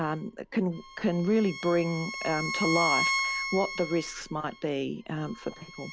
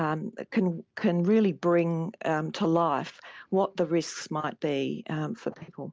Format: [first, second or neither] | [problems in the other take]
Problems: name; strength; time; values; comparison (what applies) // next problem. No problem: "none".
second | background sound (Bowed string instrument); 5 dB below the speech